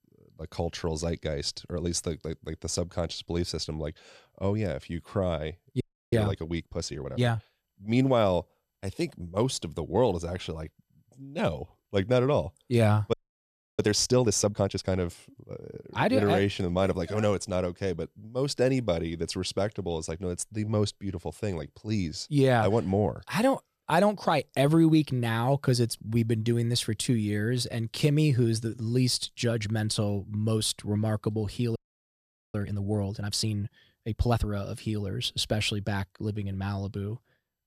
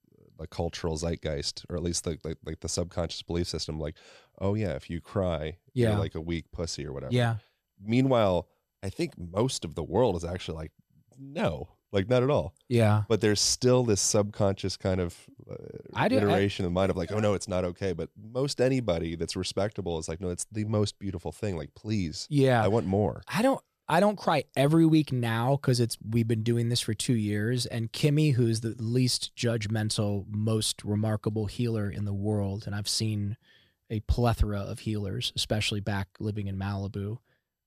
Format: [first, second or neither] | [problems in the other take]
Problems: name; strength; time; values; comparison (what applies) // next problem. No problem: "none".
second | audio freezing; at 6 s, at 13 s for 0.5 s and at 32 s for 1 s